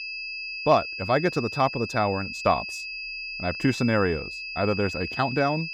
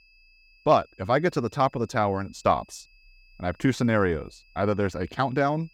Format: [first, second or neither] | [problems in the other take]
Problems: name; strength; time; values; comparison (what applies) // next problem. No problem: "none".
second | high-pitched whine; loud; throughout; 2.5 kHz, 7 dB below the speech; faint in the second